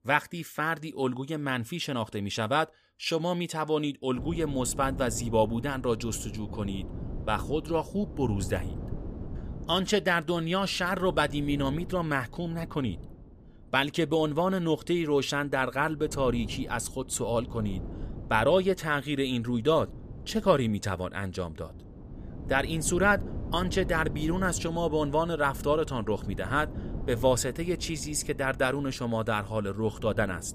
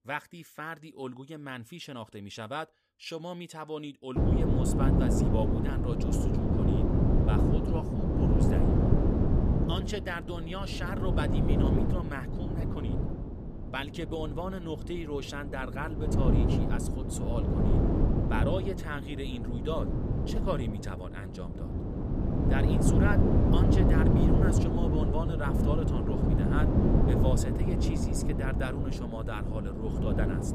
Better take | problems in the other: first | wind noise on the microphone; heavy; from 4 s on; 3 dB above the speech; occasional gusts in the first

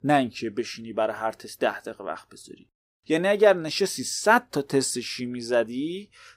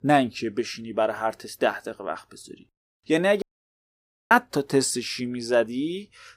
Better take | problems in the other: first | audio cutting out; at 3.5 s for 1 s

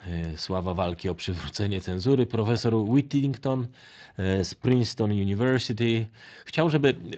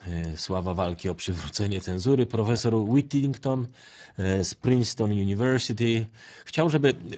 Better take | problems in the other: first | garbled, watery; badly; nothing above 7.5 kHz; slightly in the first

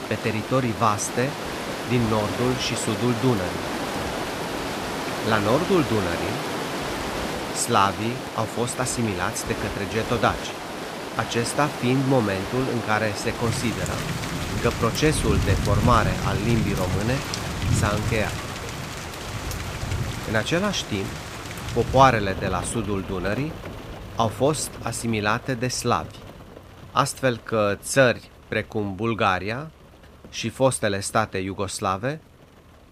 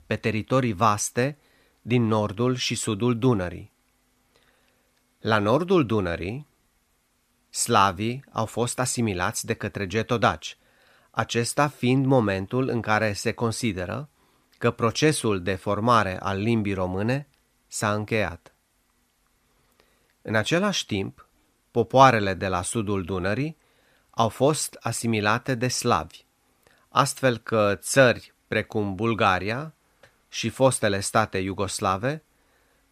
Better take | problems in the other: second | rain or running water; loud; throughout; 5 dB below the speech

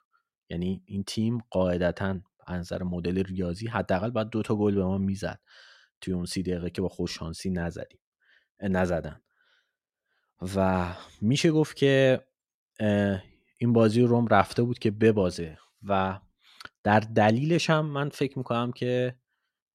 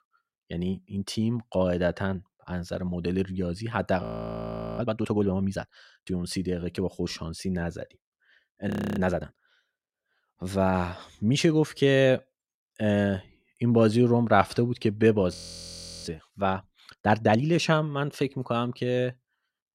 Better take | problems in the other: first | audio freezing; at 4 s for 1 s, at 8.5 s and at 15 s for 0.5 s

